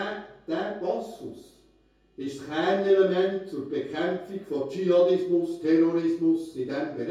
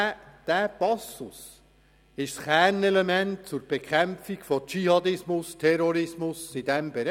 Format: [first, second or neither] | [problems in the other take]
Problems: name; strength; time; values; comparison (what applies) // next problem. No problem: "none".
second | room echo; dies away in 0.6 s